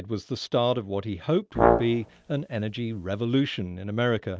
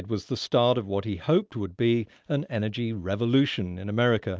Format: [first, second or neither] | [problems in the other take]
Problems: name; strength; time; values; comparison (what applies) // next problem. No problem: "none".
second | background sound (Brass instrument); 1 dB above the speech